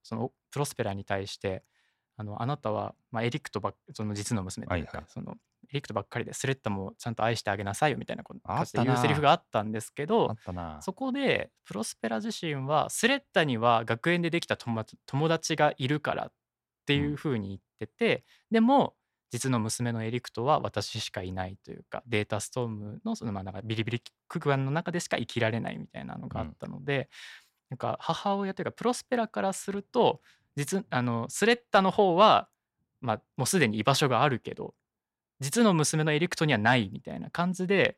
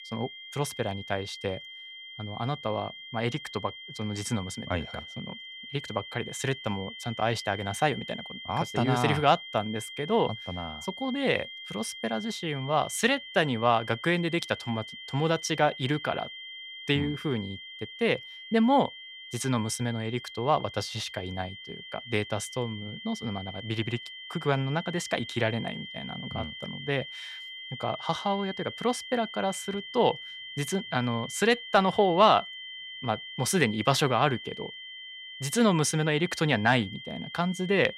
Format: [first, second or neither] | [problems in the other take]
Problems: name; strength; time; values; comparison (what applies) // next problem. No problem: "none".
first | high-pitched whine; noticeable; throughout; 3 kHz, 10 dB below the speech